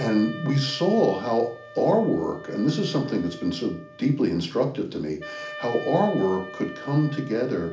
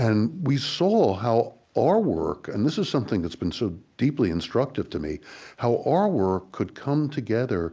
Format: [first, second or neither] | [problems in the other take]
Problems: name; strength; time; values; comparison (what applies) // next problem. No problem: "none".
second | background sound (Wind instrument, woodwind instrument); 16 dB below the speech // room echo; dies away in 0.4 s